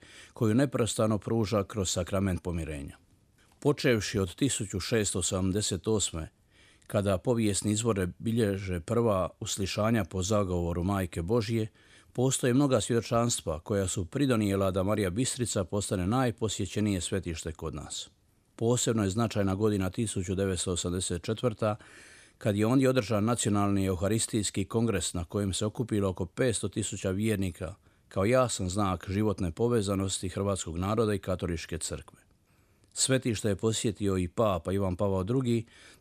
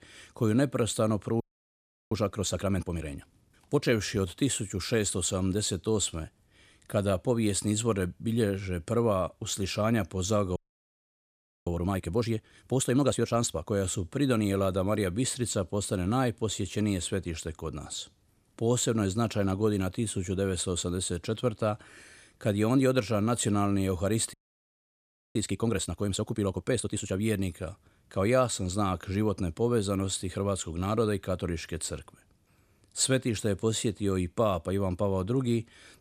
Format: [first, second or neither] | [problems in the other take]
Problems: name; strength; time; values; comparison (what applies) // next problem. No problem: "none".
first | audio freezing; at 1.5 s for 0.5 s, at 11 s for 1 s and at 24 s for 1 s